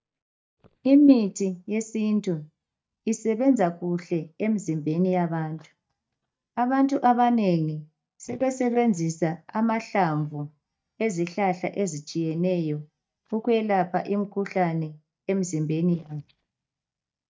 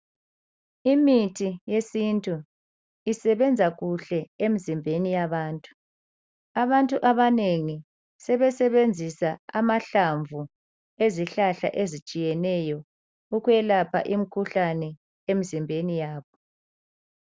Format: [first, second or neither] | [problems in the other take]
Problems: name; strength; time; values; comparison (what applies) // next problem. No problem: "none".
second | noise reduction (neural mask model DeepFilterNet 3)